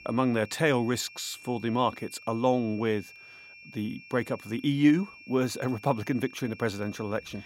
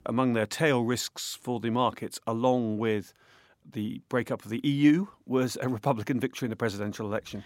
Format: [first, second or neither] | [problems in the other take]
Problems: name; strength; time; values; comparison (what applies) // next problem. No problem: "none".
second | high-pitched whine; noticeable; throughout; 2.5 kHz, 20 dB below the speech